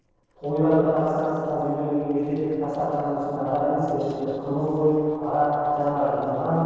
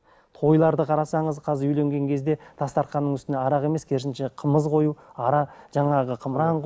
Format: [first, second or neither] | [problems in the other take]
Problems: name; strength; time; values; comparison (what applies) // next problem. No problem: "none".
second | noise reduction (neural separator model SepFormer DNS4)